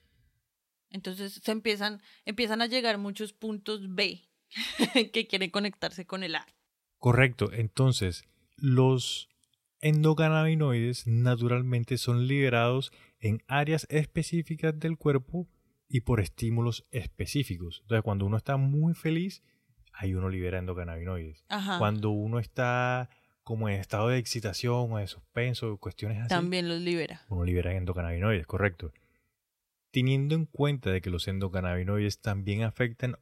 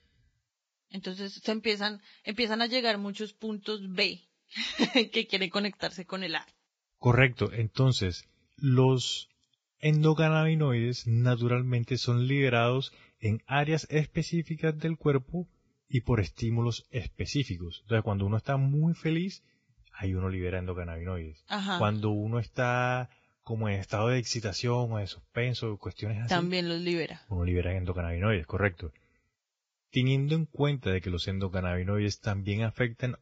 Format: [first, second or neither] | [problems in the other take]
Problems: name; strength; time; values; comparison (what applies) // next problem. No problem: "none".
first | garbled, watery; badly; nothing above 7.5 kHz